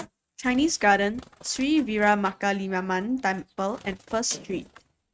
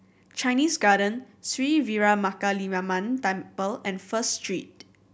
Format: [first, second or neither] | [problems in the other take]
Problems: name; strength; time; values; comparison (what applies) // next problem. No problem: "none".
second | noise reduction (neural mask model RNNoise)